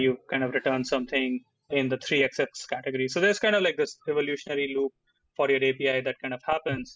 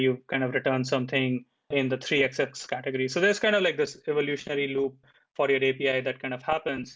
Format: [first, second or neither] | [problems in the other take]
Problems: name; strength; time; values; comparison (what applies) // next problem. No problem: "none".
second | noise reduction (classical method spectral subtraction)